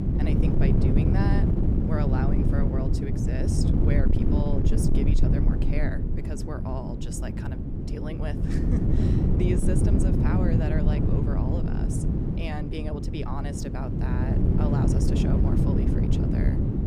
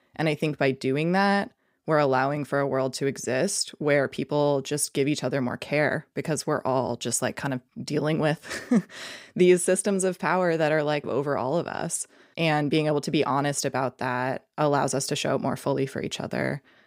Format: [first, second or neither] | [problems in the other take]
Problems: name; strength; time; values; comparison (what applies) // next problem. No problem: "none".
second | wind noise on the microphone; heavy; 3 dB above the speech